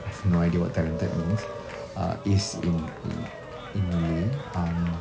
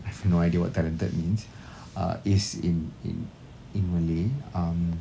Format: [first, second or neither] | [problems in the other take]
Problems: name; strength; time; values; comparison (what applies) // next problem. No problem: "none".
second | background sound (Cheering); 11 dB below the speech